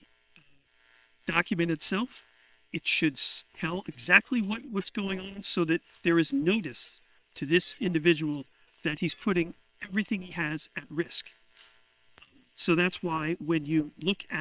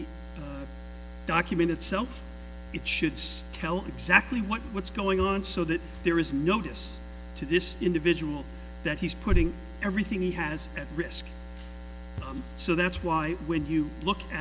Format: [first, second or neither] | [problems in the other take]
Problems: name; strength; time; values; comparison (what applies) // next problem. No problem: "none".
second | noise reduction (neural separator model SepFormer WHAM!)